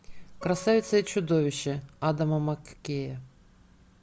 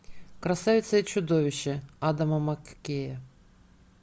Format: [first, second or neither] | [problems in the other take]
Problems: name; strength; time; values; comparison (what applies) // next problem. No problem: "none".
second | background sound (Acoustic guitar); 20 dB below the speech